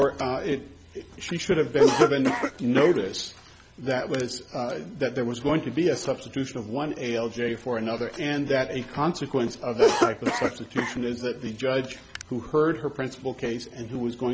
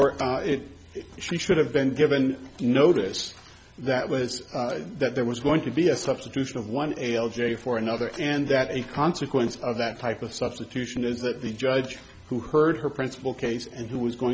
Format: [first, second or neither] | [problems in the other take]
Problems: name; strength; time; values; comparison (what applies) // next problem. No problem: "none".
second | background sound (Cough); 1 dB below the speech